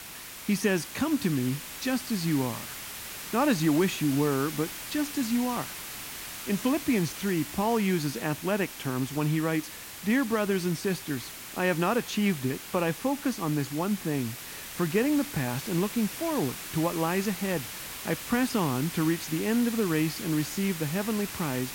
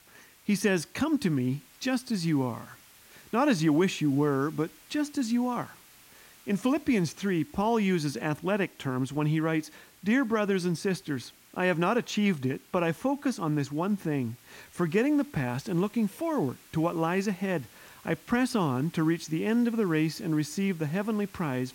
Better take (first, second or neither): second